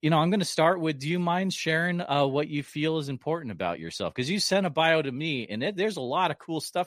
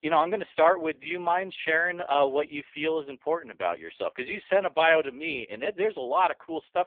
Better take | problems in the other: first | phone-call audio; poor line; nothing above 3.5 kHz

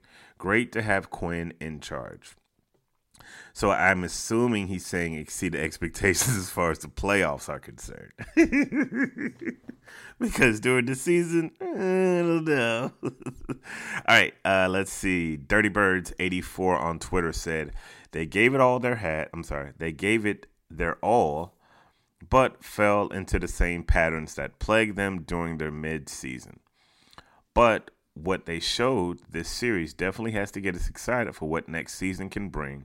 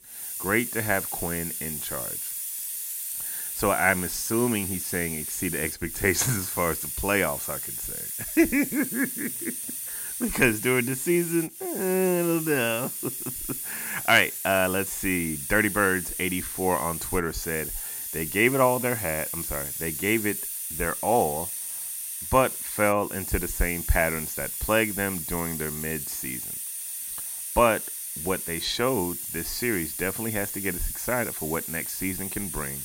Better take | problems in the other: first | hiss; loud; throughout; 4 dB below the speech

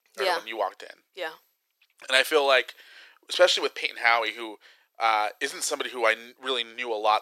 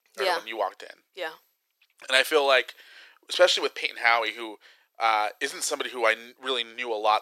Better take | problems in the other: neither | thin; very; fading below 400 Hz; the same in both

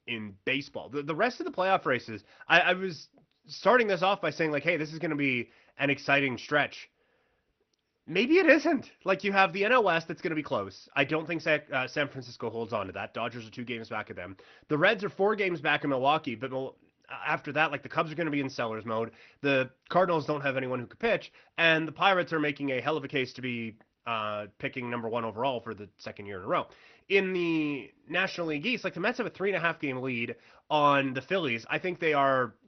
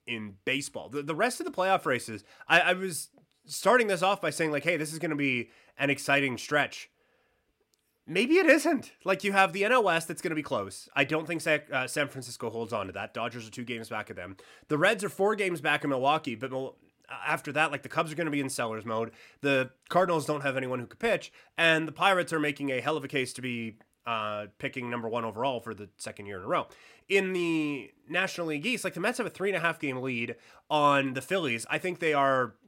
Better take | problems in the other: second | garbled, watery; slightly; nothing above 6 kHz

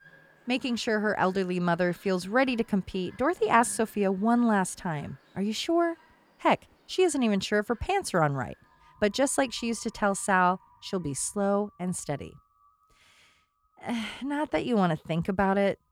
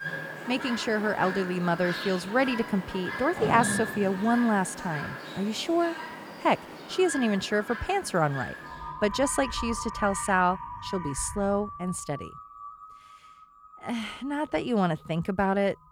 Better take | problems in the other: first | animal sounds; loud; throughout; 8 dB below the speech; faint in the first

